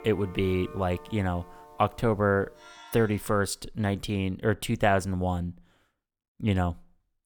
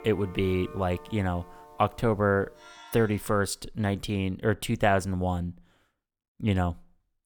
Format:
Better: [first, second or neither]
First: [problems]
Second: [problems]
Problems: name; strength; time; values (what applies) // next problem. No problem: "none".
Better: neither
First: background music; faint; until 3 s; 20 dB below the speech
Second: background music; faint; until 3 s; 20 dB below the speech